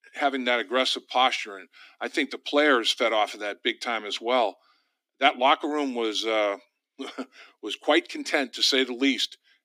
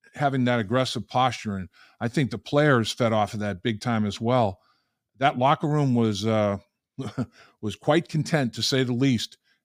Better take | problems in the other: second | thin; somewhat; fading below 250 Hz

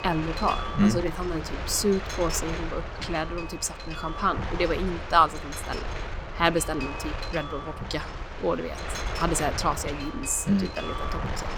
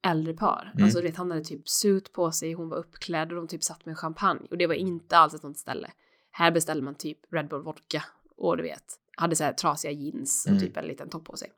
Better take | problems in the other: second | wind noise on the microphone; heavy; 7 dB below the speech

